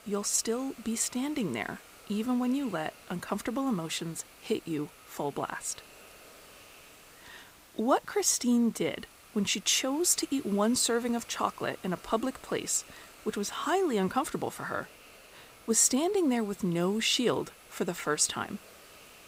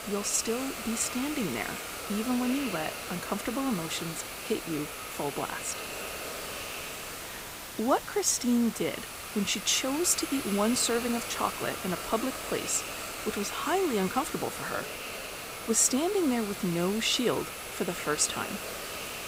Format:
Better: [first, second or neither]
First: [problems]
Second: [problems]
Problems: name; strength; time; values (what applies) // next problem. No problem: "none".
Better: first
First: hiss; faint; throughout; 20 dB below the speech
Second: hiss; loud; throughout; 7 dB below the speech